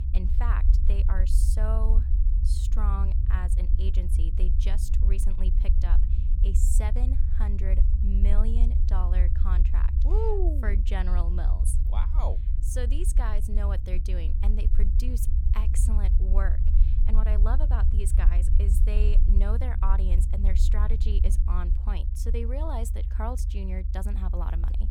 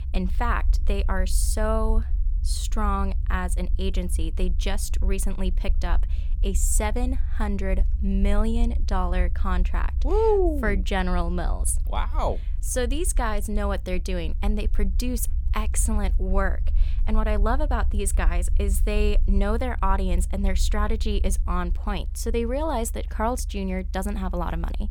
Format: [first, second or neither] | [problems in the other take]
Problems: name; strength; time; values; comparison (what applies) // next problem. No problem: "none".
second | low rumble; loud; throughout; 6 dB below the speech; faint in the second